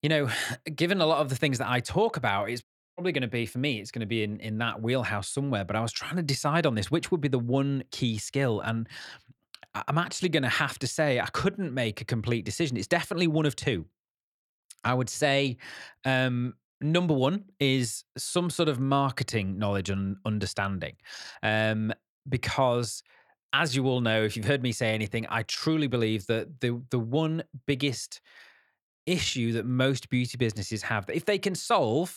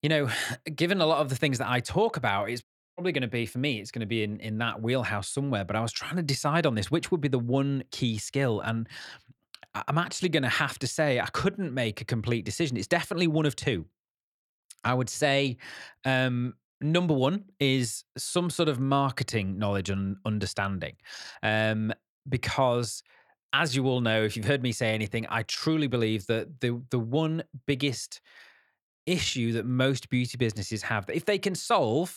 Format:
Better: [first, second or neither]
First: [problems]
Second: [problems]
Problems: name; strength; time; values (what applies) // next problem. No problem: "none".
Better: neither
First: audio cutting out; at 2.5 s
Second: audio cutting out; at 2.5 s